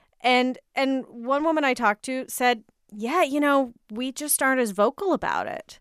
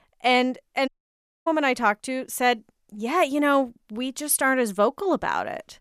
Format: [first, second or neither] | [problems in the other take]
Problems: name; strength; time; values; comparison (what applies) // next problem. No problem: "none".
first | audio cutting out; at 1 s for 0.5 s